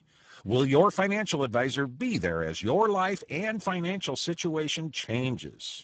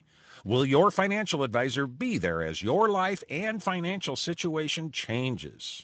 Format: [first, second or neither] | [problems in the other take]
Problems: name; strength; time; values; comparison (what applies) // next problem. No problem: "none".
second | garbled, watery; badly; nothing above 7.5 kHz; slightly in the second